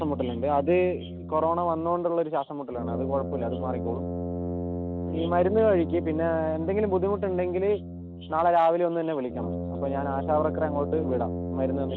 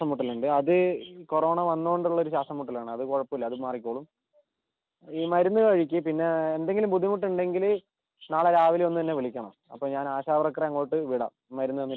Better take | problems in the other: second | background sound (Brass instrument); 6 dB below the speech

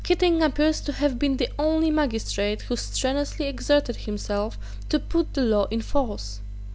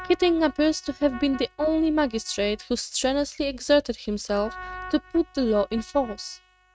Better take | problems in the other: first | noise reduction (neural mask model RNNoise)

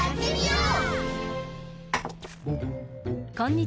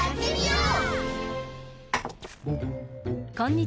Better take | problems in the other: second | background sound (Bass guitar); 13 dB below the speech

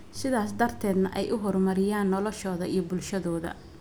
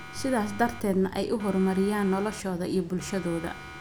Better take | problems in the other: first | background sound (Siren); 17 dB below the speech

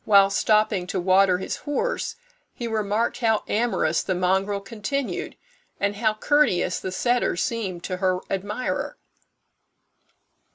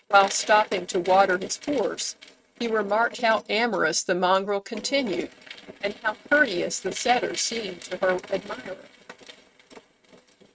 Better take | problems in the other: first | noise reduction (neural mask model RNNoise)

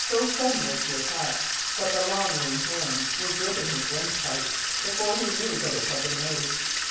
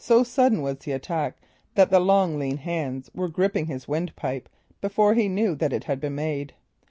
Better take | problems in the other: second | background sound (Sink (filling or washing) / Water tap, faucet); 4 dB above the speech // room echo; dies away in 0.7 s

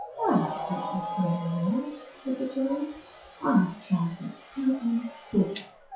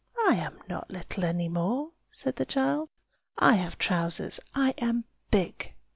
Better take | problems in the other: second | noise reduction (classical method WPE with log-MMSE)

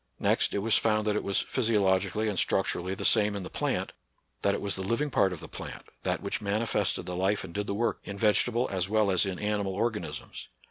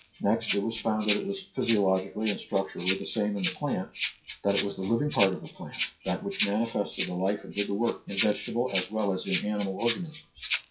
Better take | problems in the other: first | noise reduction (classical method WPE with log-MMSE)

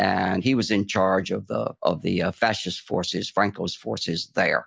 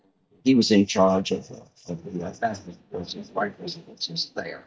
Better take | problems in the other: first | noise reduction (neural mask model DeepFilterNet 3)

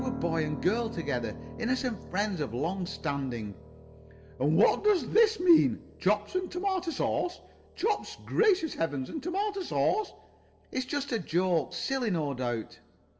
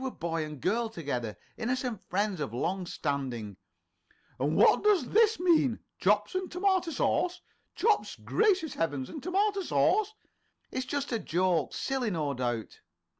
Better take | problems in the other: second | background sound (Piano); 15 dB below the speech // room echo; dies away in 0.8 s

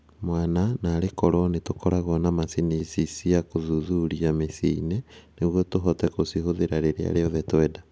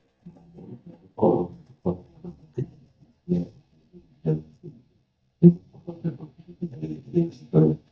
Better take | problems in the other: first | noise reduction (neural mask model DeepFilterNet 3)

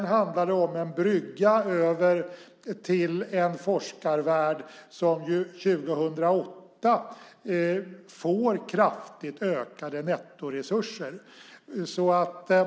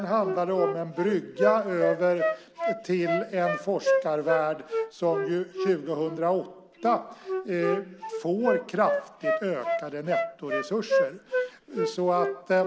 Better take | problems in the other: first | background sound (Wind instrument, woodwind instrument); 2 dB below the speech

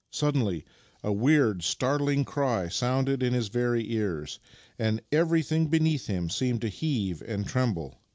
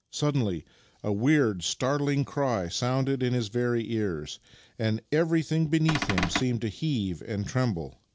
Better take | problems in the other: first | background sound (Cupboard open or close / Door); 1 dB below the speech

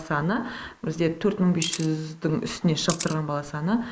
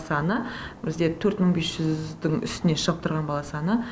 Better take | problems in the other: second | noise reduction (neural mask model Resemble Enhance denoiser)

